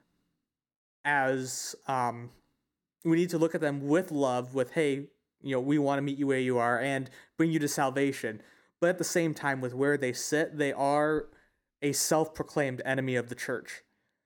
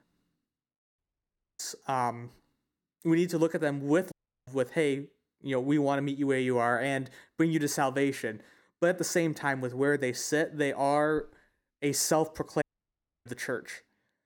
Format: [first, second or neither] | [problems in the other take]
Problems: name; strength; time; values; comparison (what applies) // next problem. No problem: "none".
first | audio cutting out; at 1 s for 0.5 s, at 4 s and at 13 s for 0.5 s